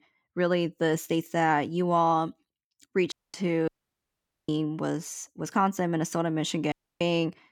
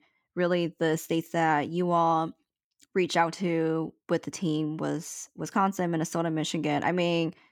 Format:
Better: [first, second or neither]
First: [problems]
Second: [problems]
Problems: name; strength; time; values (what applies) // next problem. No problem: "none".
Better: second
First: audio cutting out; at 3 s, at 3.5 s for 1 s and at 6.5 s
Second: none